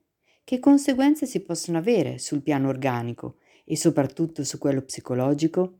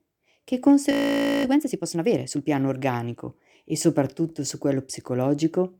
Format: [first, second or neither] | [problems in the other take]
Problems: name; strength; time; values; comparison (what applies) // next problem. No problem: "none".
first | audio freezing; at 1 s for 0.5 s